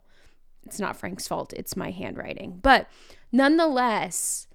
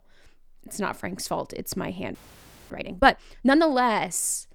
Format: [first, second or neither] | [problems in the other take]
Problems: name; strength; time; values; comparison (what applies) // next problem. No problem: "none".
first | audio freezing; at 2 s for 0.5 s